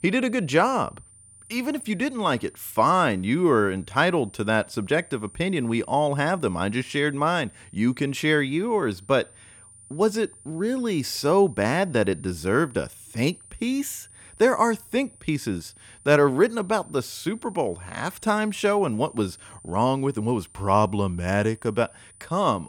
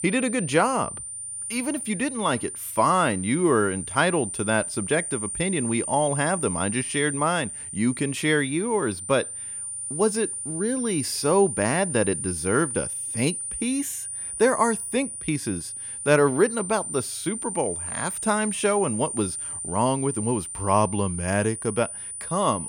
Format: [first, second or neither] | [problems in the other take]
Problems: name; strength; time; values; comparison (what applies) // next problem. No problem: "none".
first | high-pitched whine; loud; throughout; 9 kHz, 5 dB below the speech; faint in the first